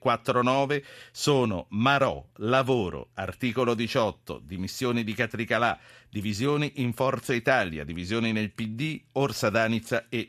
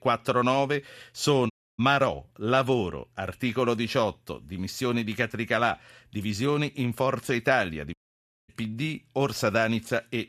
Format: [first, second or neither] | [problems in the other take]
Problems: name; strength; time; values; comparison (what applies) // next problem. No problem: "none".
first | audio cutting out; at 1.5 s and at 8 s for 0.5 s